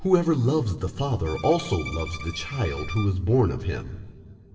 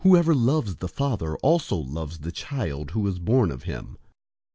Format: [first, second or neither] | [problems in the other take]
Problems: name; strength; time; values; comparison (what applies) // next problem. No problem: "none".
second | background sound (Bowed string instrument); 15 dB below the speech // room echo; dies away in 2 s